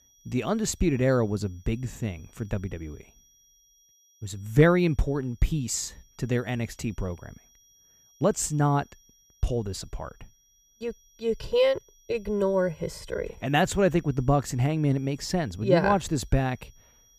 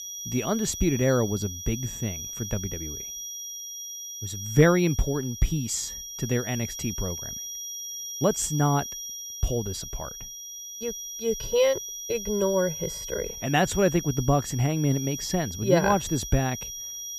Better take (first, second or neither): first